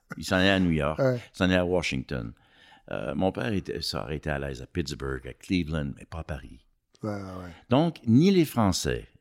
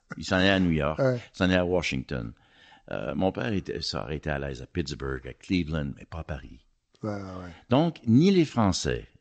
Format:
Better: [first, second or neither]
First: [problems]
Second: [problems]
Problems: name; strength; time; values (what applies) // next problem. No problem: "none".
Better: first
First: none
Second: garbled, watery; slightly; nothing above 7.5 kHz